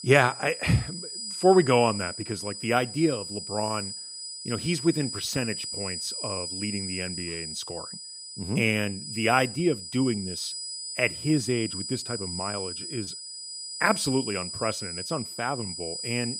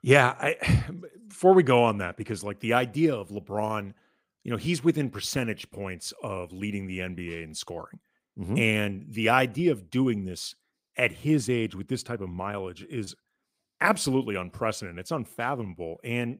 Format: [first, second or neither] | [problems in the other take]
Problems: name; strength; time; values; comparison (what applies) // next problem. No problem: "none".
second | high-pitched whine; loud; throughout; 5 kHz, 6 dB below the speech